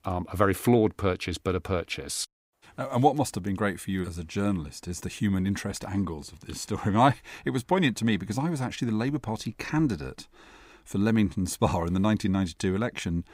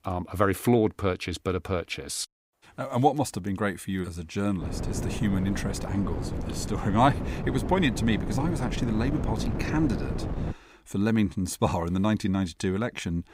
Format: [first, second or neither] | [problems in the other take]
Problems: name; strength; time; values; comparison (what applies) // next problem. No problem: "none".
first | wind noise on the microphone; heavy; from 4.5 to 11 s; 9 dB below the speech